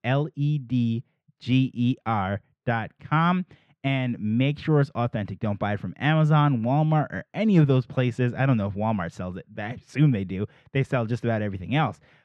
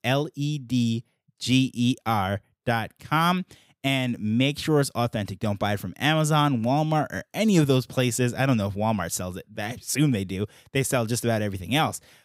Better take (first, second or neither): second